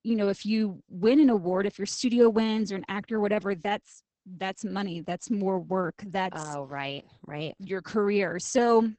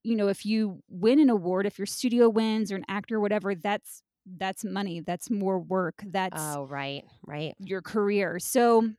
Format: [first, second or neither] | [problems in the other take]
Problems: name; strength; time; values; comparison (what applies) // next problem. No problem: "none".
second | garbled, watery; badly; nothing above 8 kHz